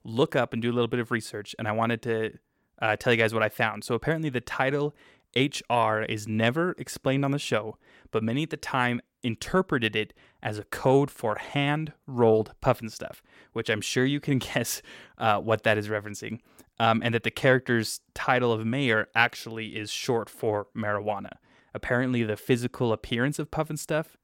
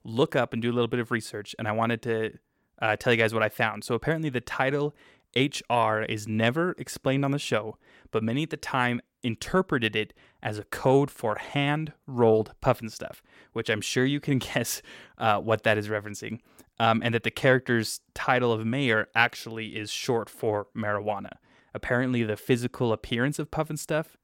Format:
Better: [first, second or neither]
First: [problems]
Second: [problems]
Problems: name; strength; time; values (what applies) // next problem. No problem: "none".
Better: neither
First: none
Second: none